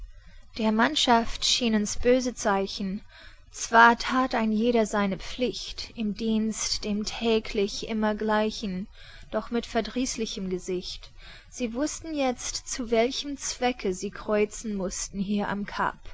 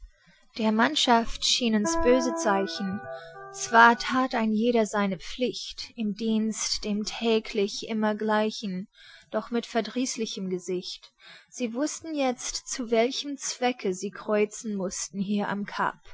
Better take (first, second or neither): first